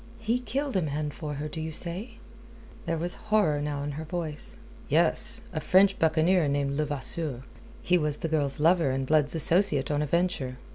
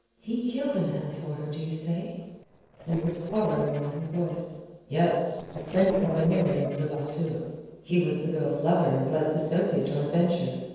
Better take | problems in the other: first | noise reduction (neural separator model SepFormer DNS4)

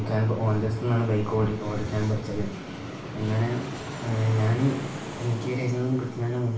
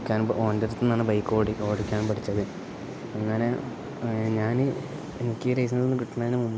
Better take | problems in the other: second | background sound (Aircraft); 16 dB below the speech // room echo; dies away in 0.3 s

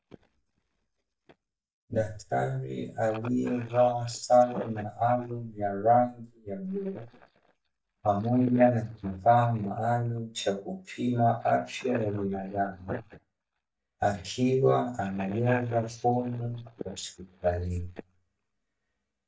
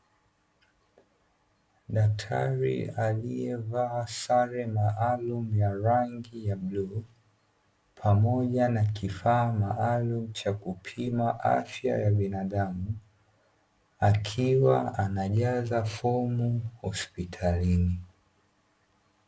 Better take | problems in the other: second | noise reduction (neural mask model DeepFilterNet 3)

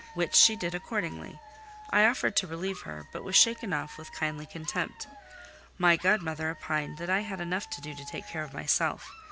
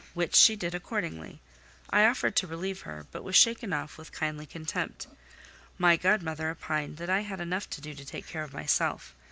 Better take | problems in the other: second | background sound (Alarm / Dog); 18 dB below the speech

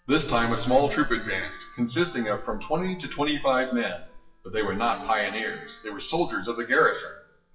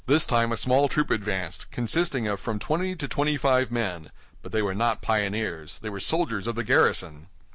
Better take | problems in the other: second | noise reduction (classical method WPE with log-MMSE)

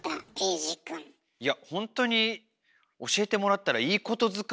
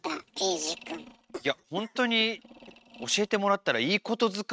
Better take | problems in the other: first | noise reduction (neural mask model RNNoise)

